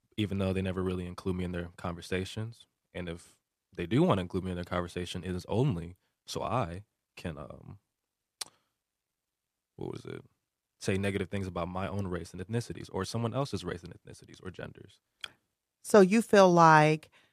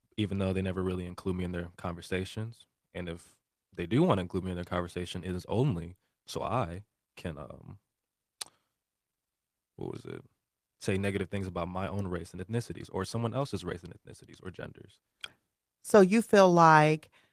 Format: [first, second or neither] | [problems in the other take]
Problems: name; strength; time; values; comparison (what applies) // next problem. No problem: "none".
first | garbled, watery; slightly; nothing above 14.5 kHz